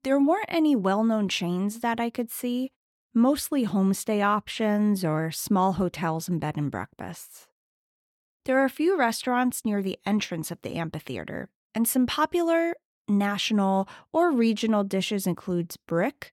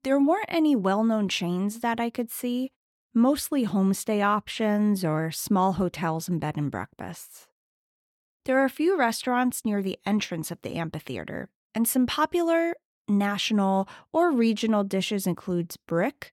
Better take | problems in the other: neither | none

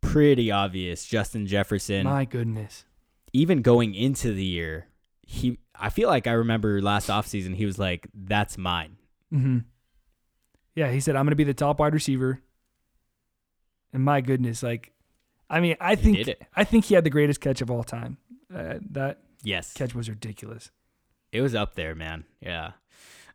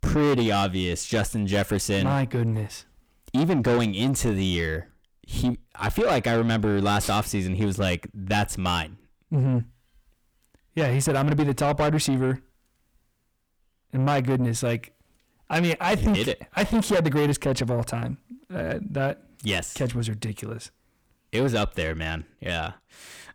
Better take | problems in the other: first | distortion; heavy; 7 dB below the speech

